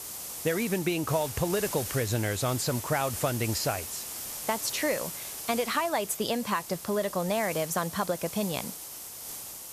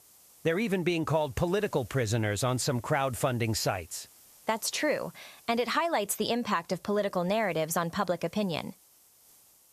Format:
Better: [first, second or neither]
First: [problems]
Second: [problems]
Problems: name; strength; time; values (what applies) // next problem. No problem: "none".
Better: second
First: hiss; loud; throughout; 6 dB below the speech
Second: hiss; faint; throughout; 25 dB below the speech